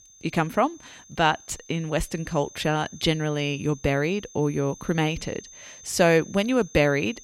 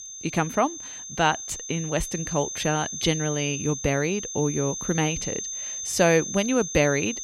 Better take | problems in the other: first | high-pitched whine; loud; throughout; 6.5 kHz, 6 dB below the speech; faint in the first

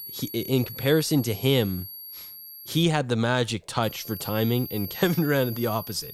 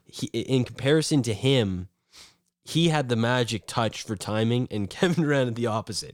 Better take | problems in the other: second | high-pitched whine; noticeable; until 3 s and from 4 s on; 11.5 kHz, 10 dB below the speech

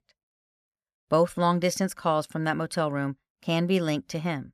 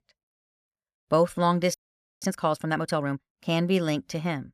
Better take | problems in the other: first | audio freezing; at 1.5 s

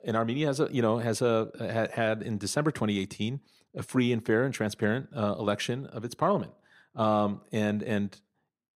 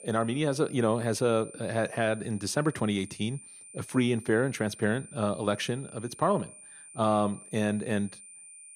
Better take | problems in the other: first | high-pitched whine; noticeable; throughout; 9 kHz, 15 dB below the speech

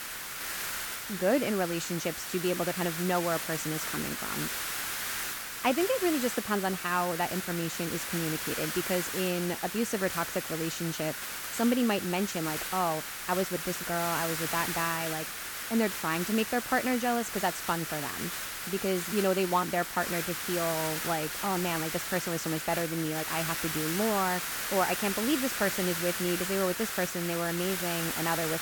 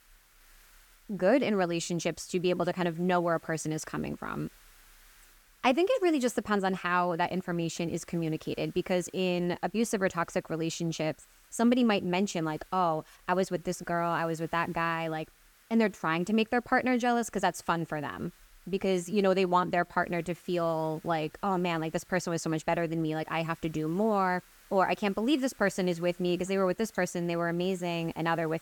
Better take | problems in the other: second | hiss; loud; throughout; 2 dB below the speech; faint in the second

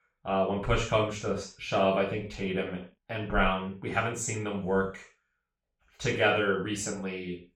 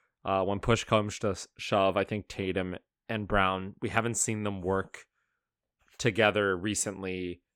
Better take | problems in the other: second | room echo; noticeable; dies away in 0.3 s // off-mic speech; far

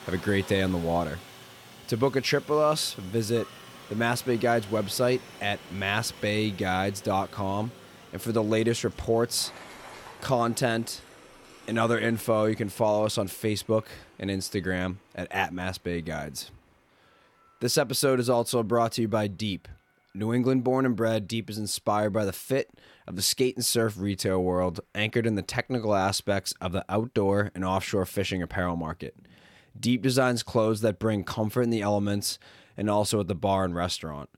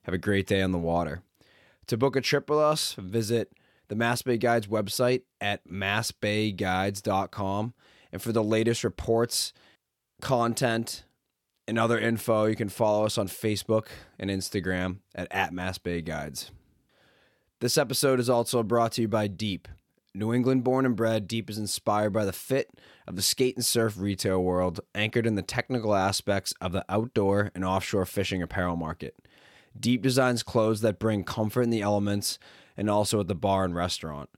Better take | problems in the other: second | train or aircraft noise; noticeable; throughout; 20 dB below the speech

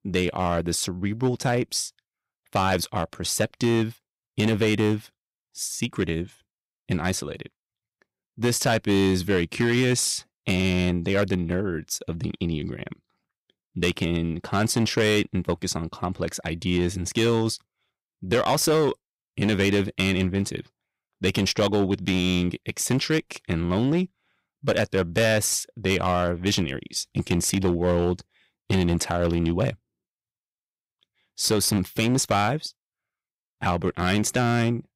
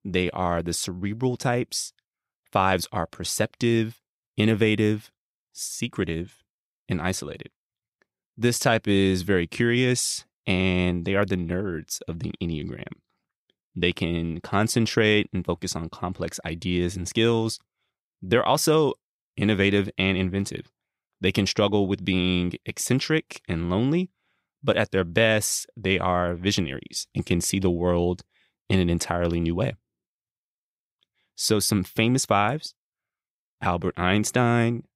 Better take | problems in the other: second | distortion; slight; 6% of the sound clipped

